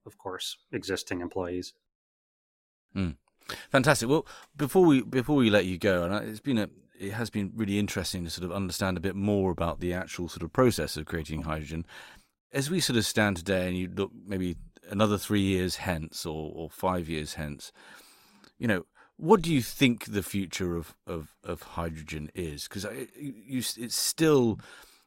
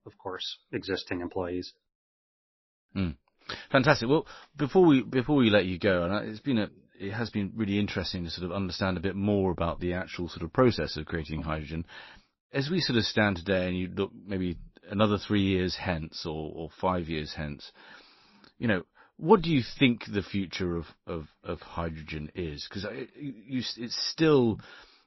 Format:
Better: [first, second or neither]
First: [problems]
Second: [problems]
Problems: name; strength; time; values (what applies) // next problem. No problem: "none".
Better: first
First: none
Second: garbled, watery; slightly; nothing above 5.5 kHz